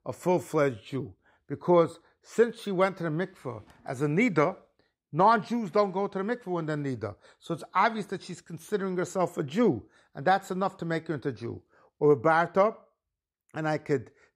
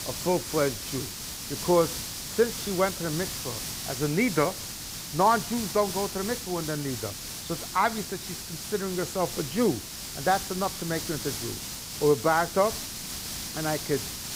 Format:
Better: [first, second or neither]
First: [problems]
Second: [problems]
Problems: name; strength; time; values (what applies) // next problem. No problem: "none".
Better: first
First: none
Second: hiss; loud; throughout; 6 dB below the speech